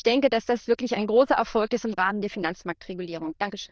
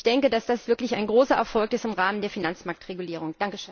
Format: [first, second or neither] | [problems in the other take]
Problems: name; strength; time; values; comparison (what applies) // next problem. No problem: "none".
second | noise reduction (neural diffusion model UNIVERSE++)